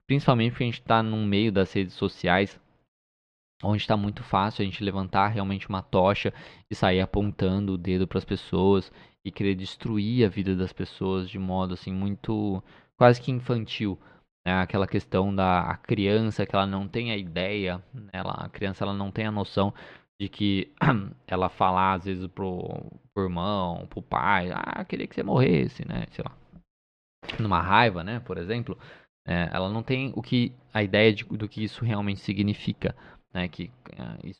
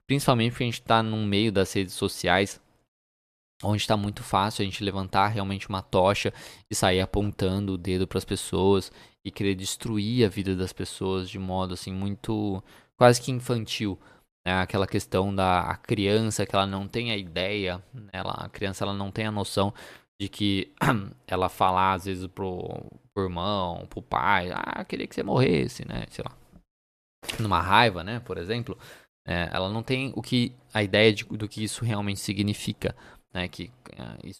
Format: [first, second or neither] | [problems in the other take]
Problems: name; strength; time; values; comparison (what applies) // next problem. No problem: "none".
second | muffled; slightly; fading above 3.5 kHz